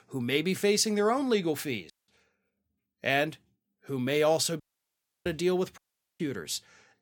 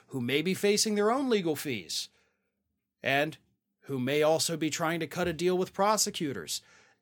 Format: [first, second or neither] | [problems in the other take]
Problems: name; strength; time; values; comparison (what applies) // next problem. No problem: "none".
second | audio cutting out; at 2 s, at 4.5 s for 0.5 s and at 6 s